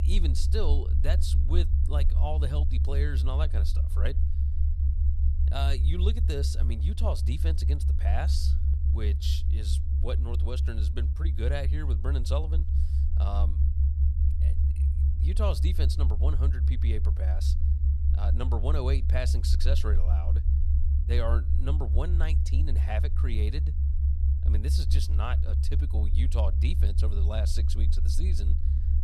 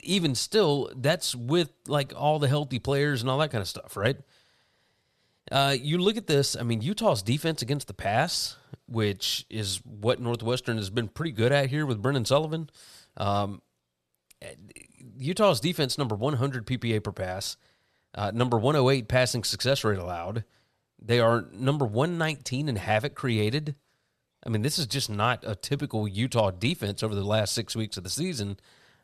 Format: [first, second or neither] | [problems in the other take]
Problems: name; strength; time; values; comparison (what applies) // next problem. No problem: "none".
second | low rumble; loud; throughout; 6 dB below the speech